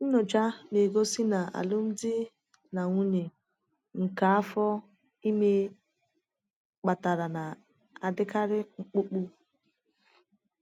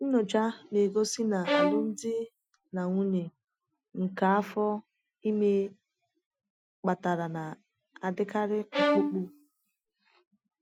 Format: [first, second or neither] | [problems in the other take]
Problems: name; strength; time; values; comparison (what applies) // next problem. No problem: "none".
first | noise reduction (classical method Wiener filter)